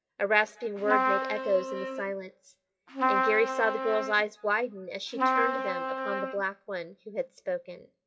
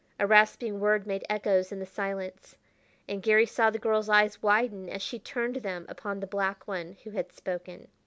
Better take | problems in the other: second | noise reduction (classical method WPE with log-MMSE)

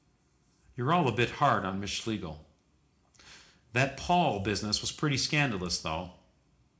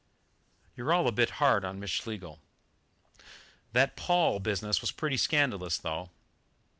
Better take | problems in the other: second | room echo; dies away in 0.4 s

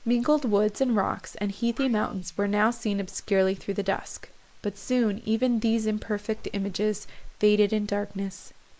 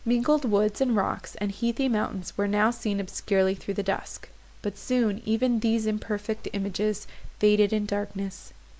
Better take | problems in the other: second | noise reduction (neural mask model Resemble Enhance denoiser)

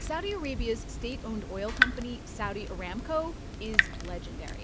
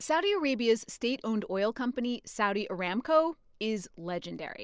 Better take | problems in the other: second | background sound (Drip / Water tap, faucet); 3 dB above the speech

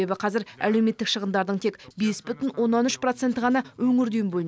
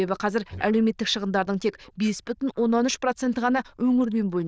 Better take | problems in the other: first | noise reduction (neural diffusion model UNIVERSE++)

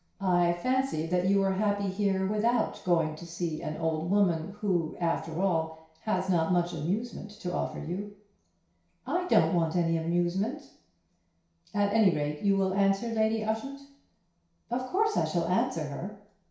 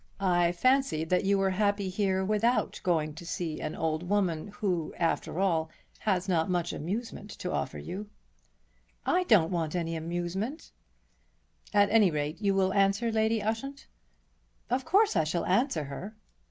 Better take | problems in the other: second | room echo; dies away in 0.6 s

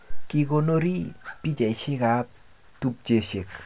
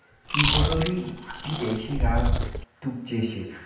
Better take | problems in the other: first | background sound (Chewing, mastication); 4 dB above the speech // room echo; dies away in 0.9 s

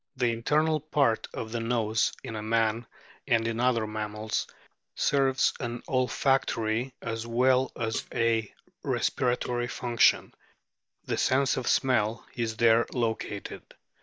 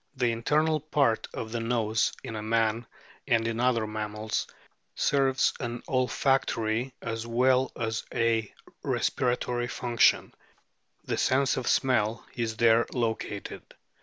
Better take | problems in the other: second | noise reduction (neural mask model DeepFilterNet 3)

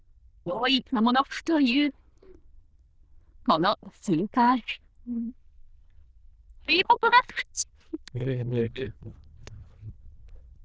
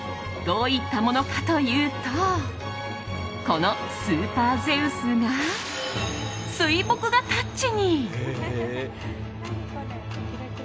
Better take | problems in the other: second | noise reduction (neural diffusion model UNIVERSE++)

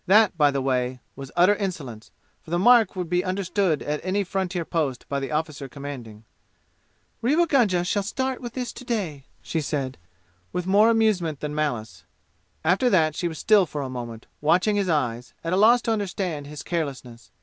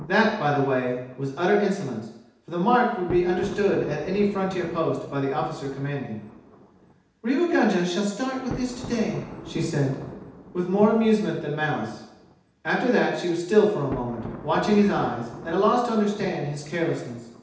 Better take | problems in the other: first | background sound (Thunder); 17 dB below the speech // room echo; dies away in 0.8 s

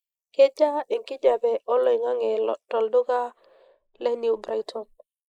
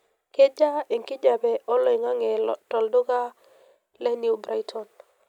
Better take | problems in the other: second | noise reduction (neural mask model Resemble Enhance denoiser)

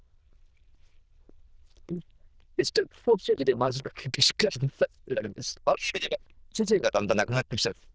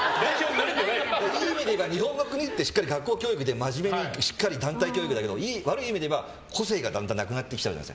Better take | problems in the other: second | noise reduction (neural diffusion model UNIVERSE++)

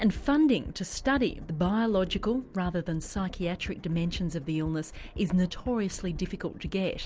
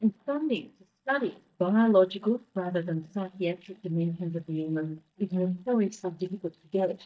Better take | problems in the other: first | noise reduction (neural mask model DeepFilterNet 3)

